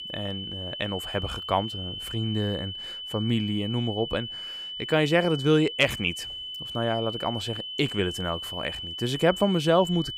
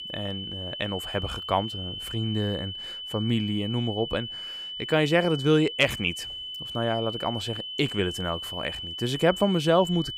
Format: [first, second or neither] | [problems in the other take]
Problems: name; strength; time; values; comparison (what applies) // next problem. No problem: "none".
neither | high-pitched whine; loud; throughout; 3 kHz, 7 dB below the speech; the same in both